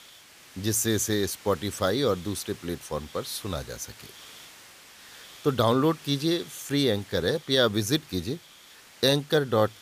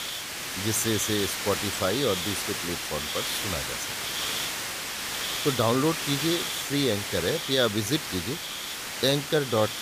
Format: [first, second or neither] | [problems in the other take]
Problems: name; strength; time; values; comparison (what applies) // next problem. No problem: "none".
first | hiss; loud; throughout; 2 dB below the speech; faint in the first